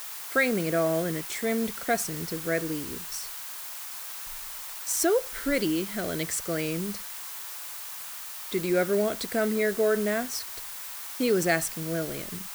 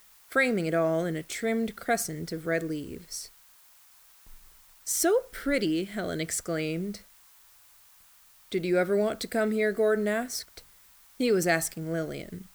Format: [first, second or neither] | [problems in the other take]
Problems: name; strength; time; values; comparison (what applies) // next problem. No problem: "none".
second | hiss; loud; throughout; 7 dB below the speech; faint in the second